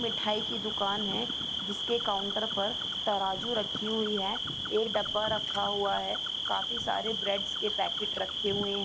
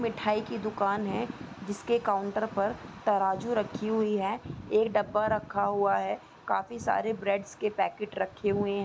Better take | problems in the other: second | background sound (Cricket); 1 dB below the speech

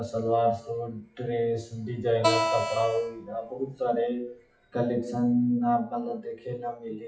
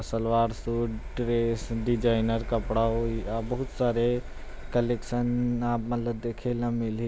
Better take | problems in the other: second | noise reduction (classical method WPE with log-MMSE)

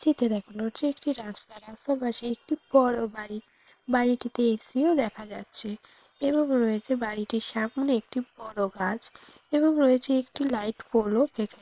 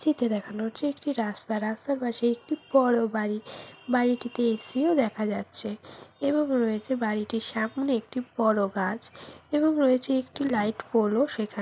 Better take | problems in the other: second | noise reduction (neural separator model SepFormer WHAM!)

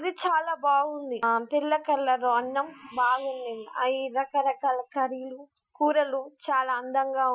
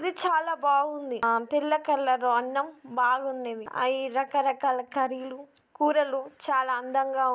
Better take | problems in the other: second | noise reduction (classical method Wiener filter)

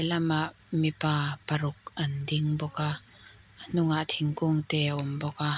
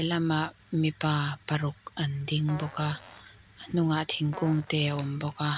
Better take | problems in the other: first | background sound (Fart); 20 dB below the speech

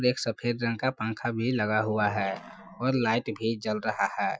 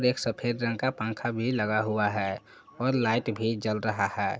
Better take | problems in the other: second | noise reduction (classical method Wiener filter)

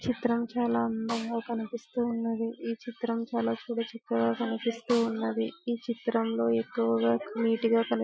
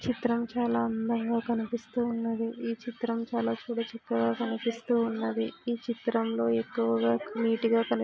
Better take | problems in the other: second | noise reduction (classical method Wiener filter)

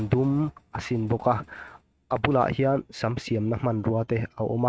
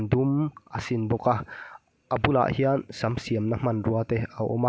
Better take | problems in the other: second | noise reduction (neural mask model RNNoise)

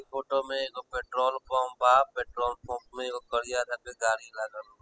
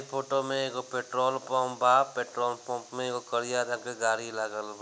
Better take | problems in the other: second | noise reduction (classical method spectral subtraction)

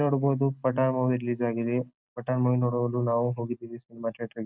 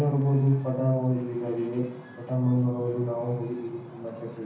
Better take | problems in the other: first | background sound (Wind / Ocean); 18 dB below the speech // room echo; dies away in 0.7 s

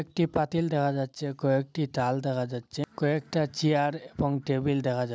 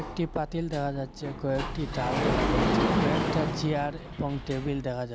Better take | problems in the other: first | background sound (Sliding door); 1 dB above the speech

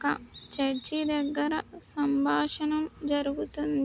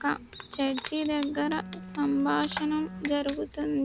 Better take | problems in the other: first | background sound (Crumpling, crinkling + Bowed string instrument); 13 dB below the speech

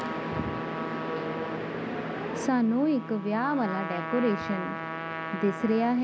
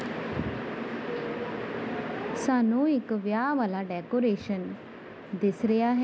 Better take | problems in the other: second | background sound (Trumpet); 8 dB below the speech

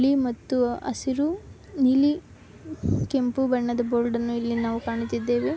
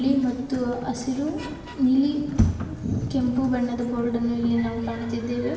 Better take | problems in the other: first | background sound (Sliding door); 7 dB below the speech // room echo; dies away in 1.2 s

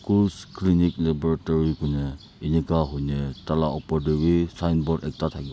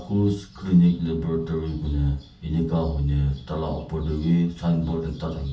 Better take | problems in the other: first | room echo; dies away in 0.4 s

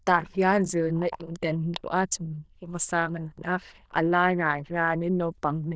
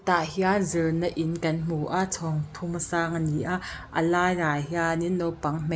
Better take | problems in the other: second | noise reduction (neural diffusion model UNIVERSE++)

